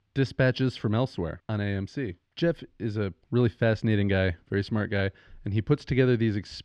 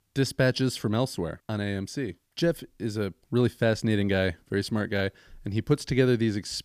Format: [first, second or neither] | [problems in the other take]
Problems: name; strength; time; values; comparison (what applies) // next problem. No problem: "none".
second | muffled; very slightly; fading above 3 kHz